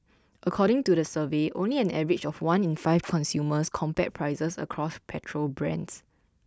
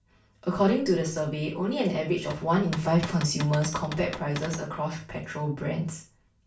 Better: first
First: none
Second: background sound (Cupboard open or close / Door); 12 dB below the speech // room echo; dies away in 0.3 s

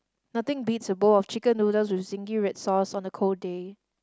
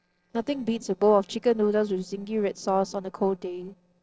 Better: first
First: none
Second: noise reduction (neural separator model SepFormer DNS4)

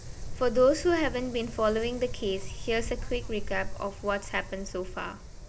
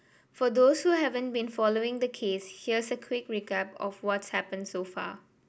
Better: second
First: background sound (Wind); 6 dB below the speech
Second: none

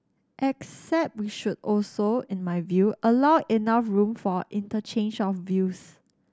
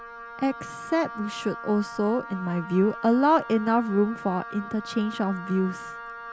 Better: first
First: none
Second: background sound (Wind instrument, woodwind instrument); 13 dB below the speech

